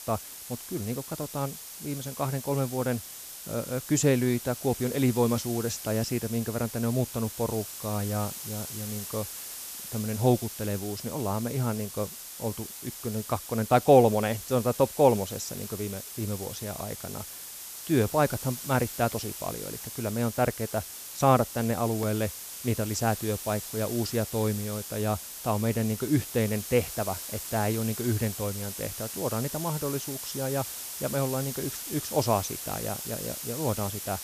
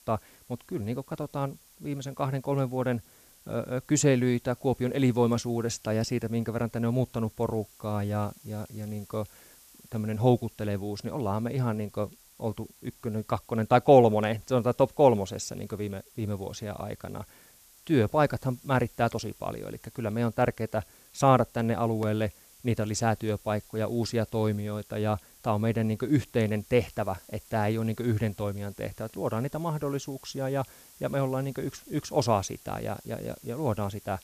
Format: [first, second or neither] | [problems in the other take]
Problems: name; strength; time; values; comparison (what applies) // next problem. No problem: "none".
second | hiss; loud; throughout; 8 dB below the speech; faint in the second